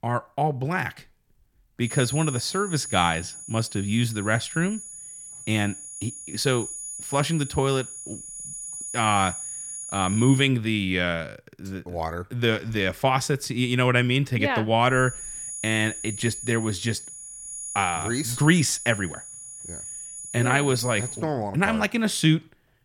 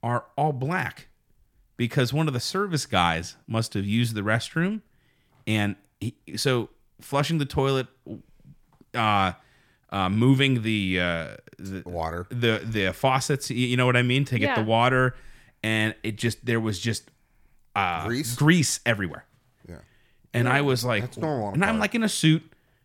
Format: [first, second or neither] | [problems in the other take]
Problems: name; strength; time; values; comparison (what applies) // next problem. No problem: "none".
second | high-pitched whine; loud; from 2 to 10 s and from 15 to 21 s; 10 kHz, 9 dB below the speech